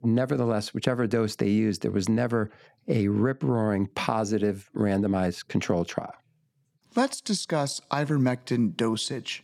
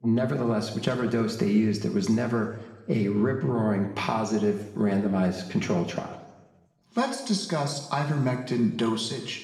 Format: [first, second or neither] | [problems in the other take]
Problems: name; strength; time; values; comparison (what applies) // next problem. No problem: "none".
first | room echo; noticeable; dies away in 1 s // off-mic speech; somewhat distant